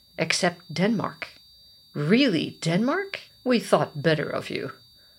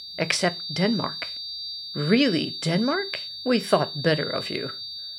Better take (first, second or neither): first